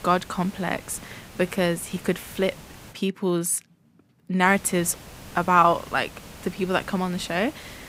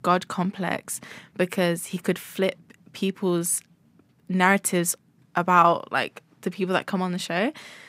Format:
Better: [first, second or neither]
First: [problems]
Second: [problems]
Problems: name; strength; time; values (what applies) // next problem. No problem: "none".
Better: second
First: hiss; noticeable; until 3 s and from 4.5 s on; 20 dB below the speech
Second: none